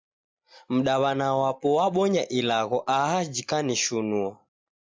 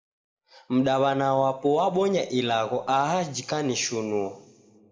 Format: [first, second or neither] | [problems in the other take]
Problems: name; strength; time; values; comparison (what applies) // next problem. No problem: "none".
first | room echo; dies away in 1.6 s